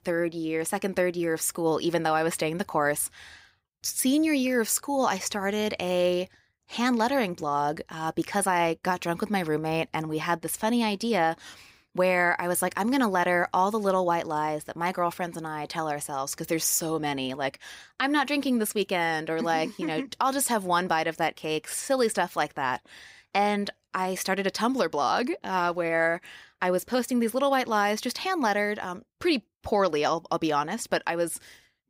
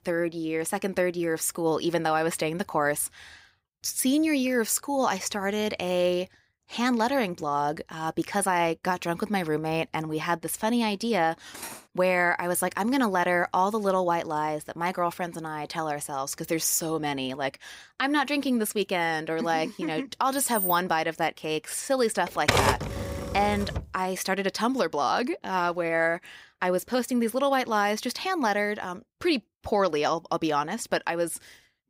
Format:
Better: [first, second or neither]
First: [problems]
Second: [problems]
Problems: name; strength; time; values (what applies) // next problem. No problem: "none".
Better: first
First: none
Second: clattering dishes; faint; at 12 s; peak 10 dB below the speech // jangling keys; noticeable; at 20 s; peak 1 dB below the speech // keyboard typing; loud; from 22 to 24 s; peak 4 dB above the speech